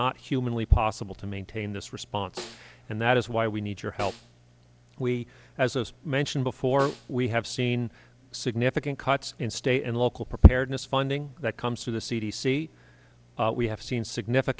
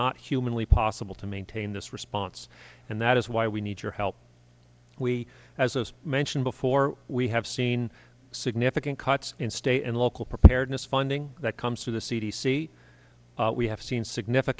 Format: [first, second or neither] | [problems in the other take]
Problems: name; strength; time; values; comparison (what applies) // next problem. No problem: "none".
second | background sound (Snare drum); 19 dB below the speech